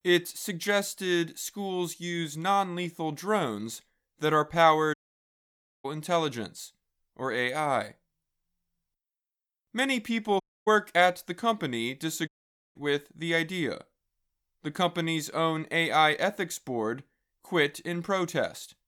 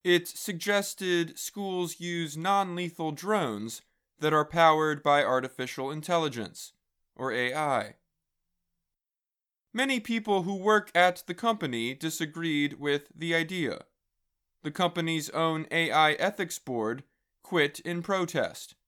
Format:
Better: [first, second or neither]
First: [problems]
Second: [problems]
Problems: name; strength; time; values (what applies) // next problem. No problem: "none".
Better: second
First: audio cutting out; at 5 s for 1 s, at 10 s and at 12 s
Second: none